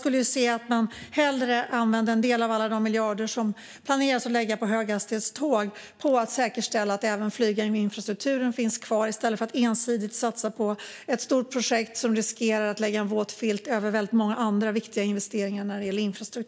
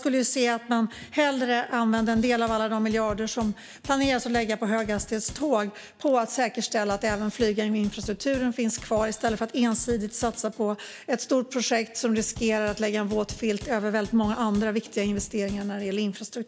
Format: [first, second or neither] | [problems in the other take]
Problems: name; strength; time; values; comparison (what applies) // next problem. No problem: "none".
first | background sound (Drum / Drum kit); 17 dB below the speech